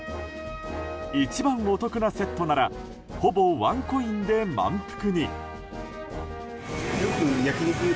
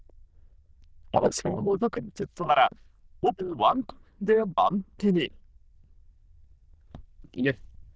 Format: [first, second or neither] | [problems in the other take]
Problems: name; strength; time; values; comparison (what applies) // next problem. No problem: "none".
first | noise reduction (neural diffusion model UNIVERSE++)